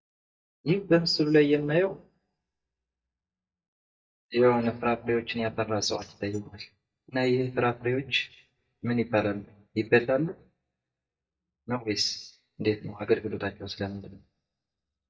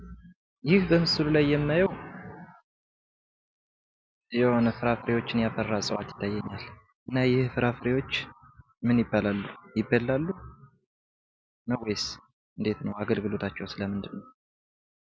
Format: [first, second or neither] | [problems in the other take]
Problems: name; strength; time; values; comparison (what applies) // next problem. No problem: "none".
second | noise reduction (neural mask model DeepFilterNet 3)